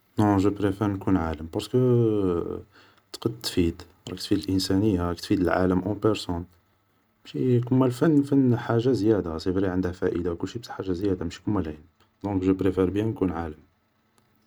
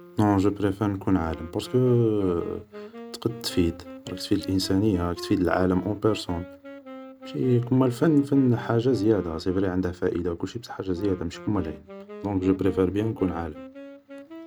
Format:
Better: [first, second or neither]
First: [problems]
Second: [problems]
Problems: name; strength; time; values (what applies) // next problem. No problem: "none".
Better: first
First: none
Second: background sound (Wind instrument, woodwind instrument); 17 dB below the speech